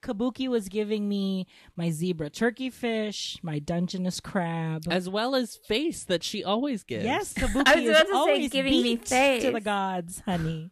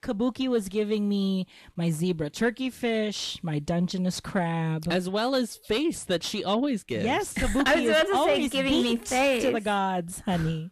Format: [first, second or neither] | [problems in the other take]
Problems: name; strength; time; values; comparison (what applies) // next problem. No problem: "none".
first | distortion; slight; 10 dB below the speech